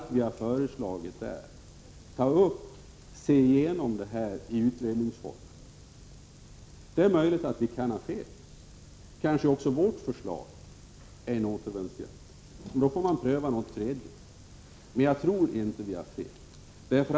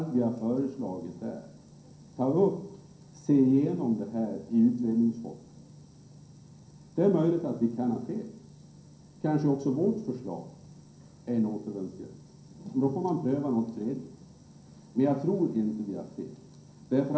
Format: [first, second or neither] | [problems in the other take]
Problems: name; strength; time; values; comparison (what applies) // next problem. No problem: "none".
first | room echo; dies away in 0.6 s